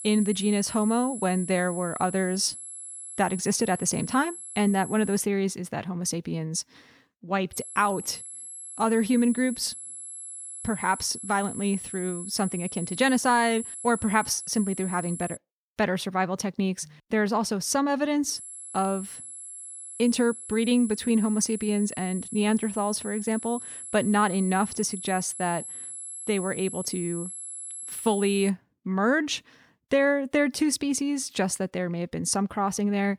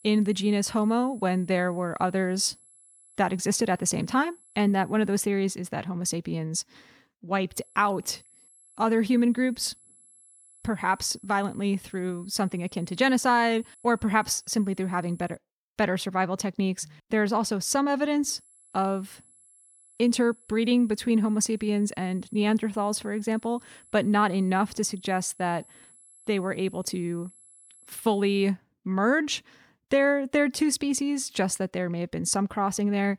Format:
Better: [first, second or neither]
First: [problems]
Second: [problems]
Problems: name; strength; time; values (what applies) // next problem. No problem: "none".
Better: second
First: high-pitched whine; loud; until 5 s, from 7.5 to 15 s and from 18 to 29 s; 11 kHz, 10 dB below the speech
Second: high-pitched whine; faint; until 5 s, from 7.5 to 15 s and from 18 to 29 s; 11 kHz, 25 dB below the speech